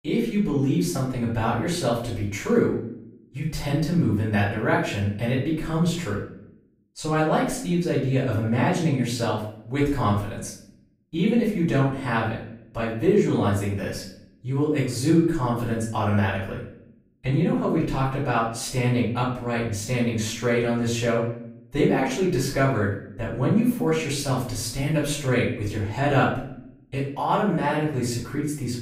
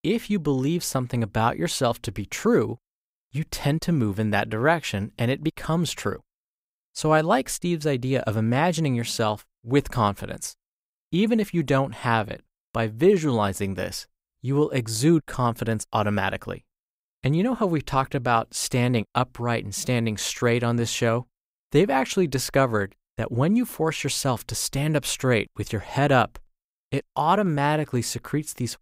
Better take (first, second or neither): second